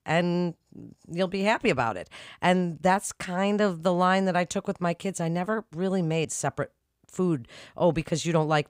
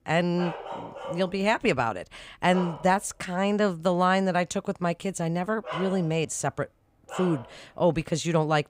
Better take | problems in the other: first | dog barking; noticeable; until 7.5 s; peak 8 dB below the speech

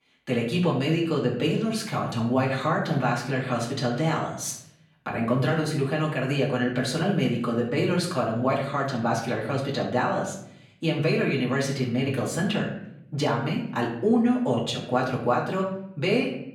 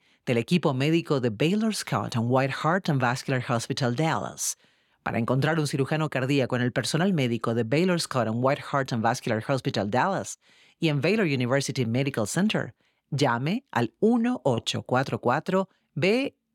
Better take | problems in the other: second | off-mic speech; far // room echo; slight; dies away in 0.6 s

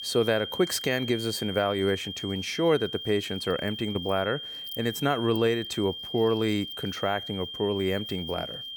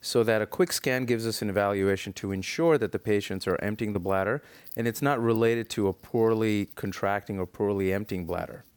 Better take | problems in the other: second | high-pitched whine; loud; throughout; 3 kHz, 7 dB below the speech

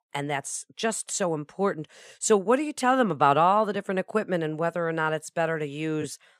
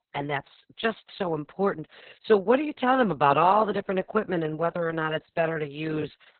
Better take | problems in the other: first | garbled, watery; badly; nothing above 4 kHz

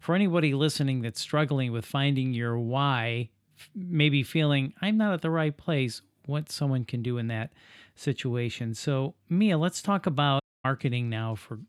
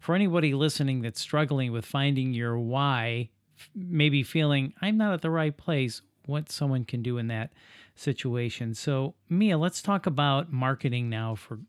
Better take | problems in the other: second | audio cutting out; at 10 s

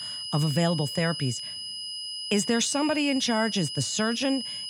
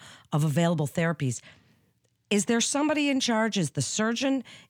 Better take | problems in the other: second | high-pitched whine; loud; throughout; 5 kHz, 6 dB below the speech

